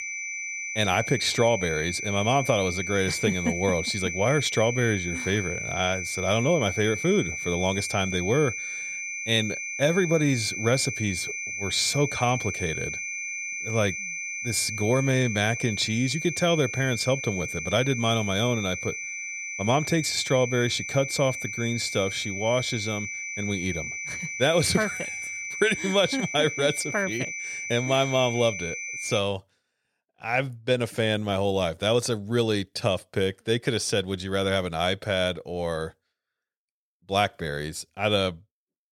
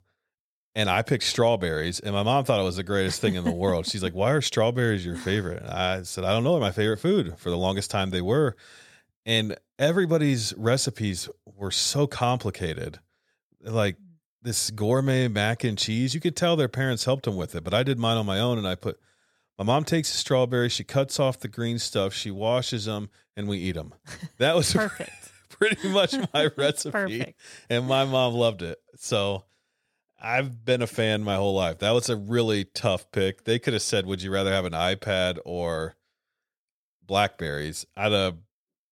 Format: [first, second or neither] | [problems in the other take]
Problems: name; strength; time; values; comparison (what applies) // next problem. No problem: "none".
second | high-pitched whine; loud; until 29 s; 2.5 kHz, 5 dB below the speech